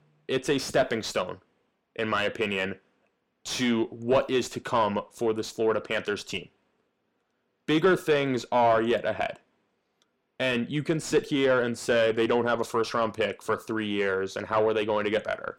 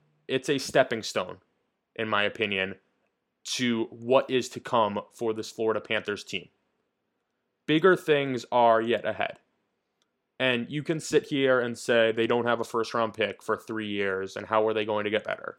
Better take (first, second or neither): second